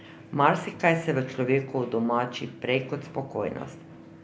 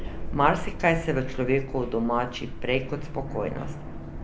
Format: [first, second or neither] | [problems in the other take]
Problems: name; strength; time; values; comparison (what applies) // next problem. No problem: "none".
first | background sound (Aircraft); 6 dB below the speech